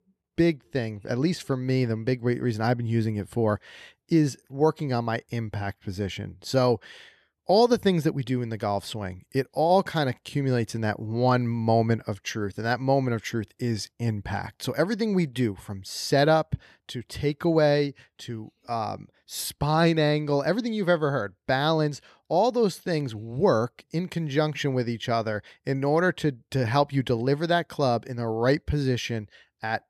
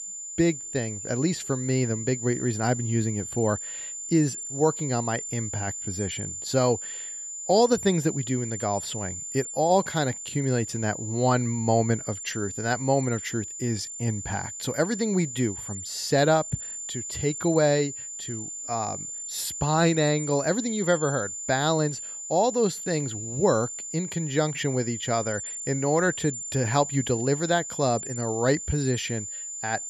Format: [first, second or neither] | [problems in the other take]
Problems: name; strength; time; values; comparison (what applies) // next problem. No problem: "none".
first | high-pitched whine; loud; throughout; 7 kHz, 7 dB below the speech